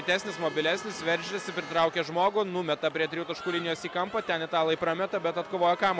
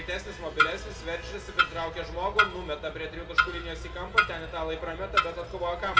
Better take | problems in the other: first | background sound (Clock); 4 dB above the speech // room echo; dies away in 1.3 s

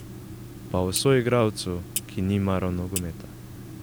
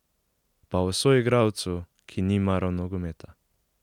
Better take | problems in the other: second | background sound (Clock); 11 dB below the speech

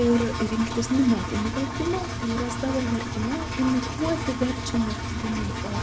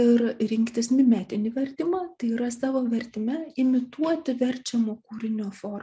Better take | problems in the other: second | background sound (Engine); 4 dB below the speech

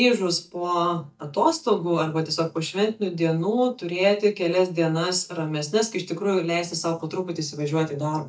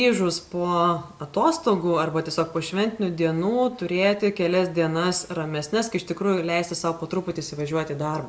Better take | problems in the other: second | noise reduction (neural mask model DeepFilterNet 3)

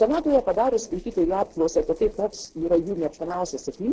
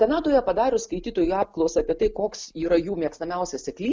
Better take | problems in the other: second | noise reduction (neural separator model SepFormer DNS4)

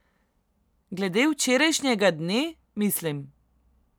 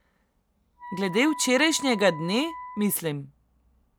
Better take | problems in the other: first | background sound (Wind instrument, woodwind instrument); 14 dB below the speech

